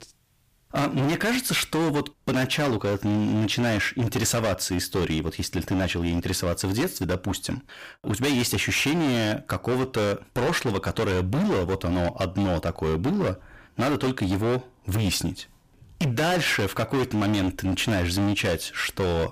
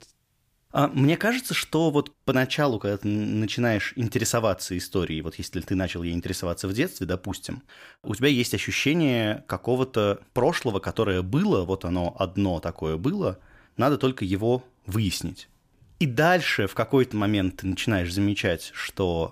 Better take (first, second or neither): second